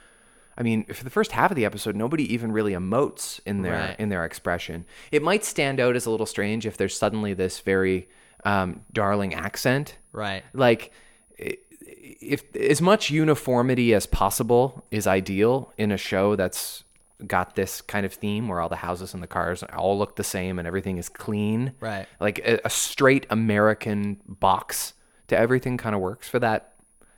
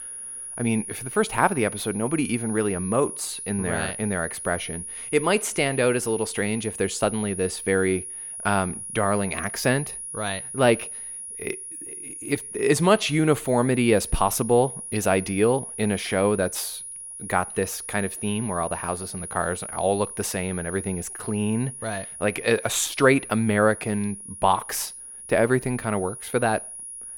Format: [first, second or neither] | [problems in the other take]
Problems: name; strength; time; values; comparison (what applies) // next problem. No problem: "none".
first | high-pitched whine; loud; throughout; 10.5 kHz, 9 dB below the speech; faint in the first